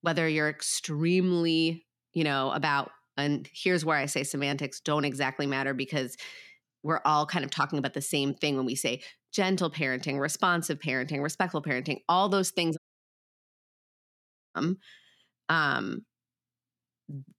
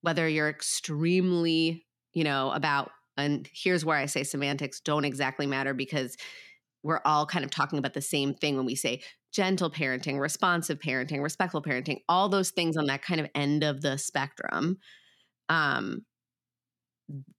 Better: second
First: audio cutting out; at 13 s for 2 s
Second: none

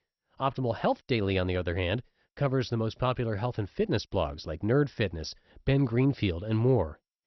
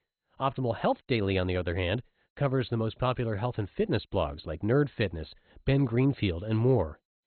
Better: first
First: garbled, watery; slightly; nothing above 6 kHz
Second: garbled, watery; badly; nothing above 4 kHz

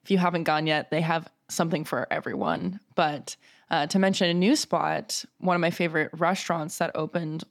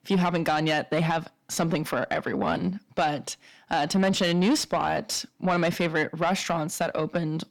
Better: first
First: none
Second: distortion; slight; 10 dB below the speech

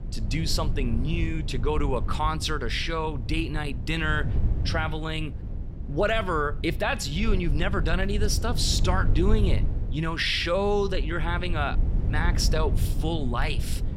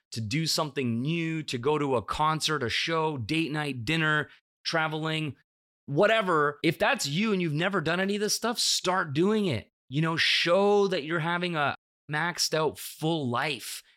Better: second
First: low rumble; noticeable; throughout; 15 dB below the speech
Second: none

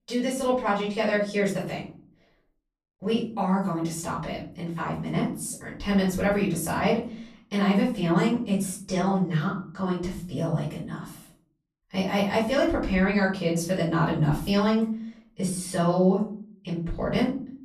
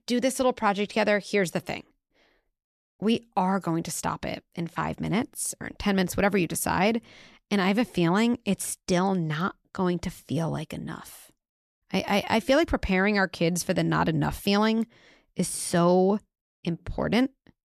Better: second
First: off-mic speech; far // room echo; slight; dies away in 0.4 s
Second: none

